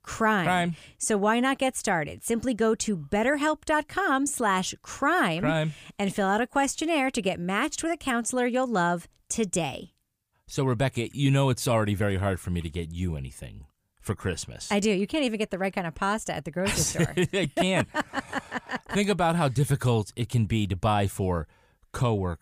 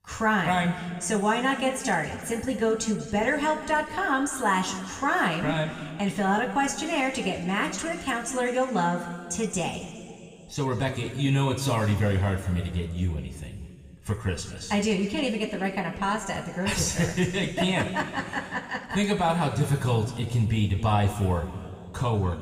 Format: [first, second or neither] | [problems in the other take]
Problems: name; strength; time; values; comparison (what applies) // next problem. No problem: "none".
first | room echo; noticeable; dies away in 2.1 s // off-mic speech; somewhat distant